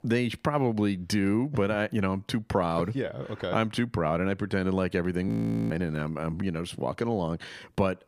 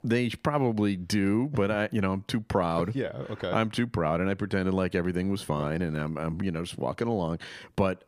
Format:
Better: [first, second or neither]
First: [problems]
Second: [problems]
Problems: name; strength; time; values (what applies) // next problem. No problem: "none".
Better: second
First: audio freezing; at 5.5 s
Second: none